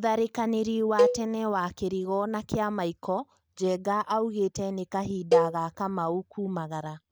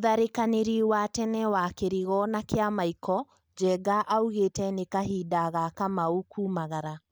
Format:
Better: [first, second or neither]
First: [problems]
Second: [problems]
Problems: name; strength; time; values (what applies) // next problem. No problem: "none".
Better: second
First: background sound (Cowbell); 1 dB below the speech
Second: none